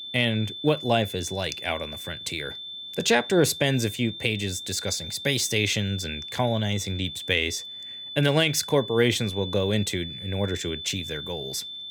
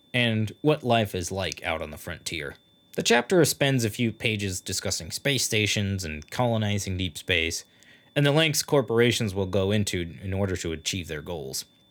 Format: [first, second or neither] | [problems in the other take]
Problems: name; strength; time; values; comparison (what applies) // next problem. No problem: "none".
second | high-pitched whine; loud; throughout; 3.5 kHz, 9 dB below the speech; faint in the second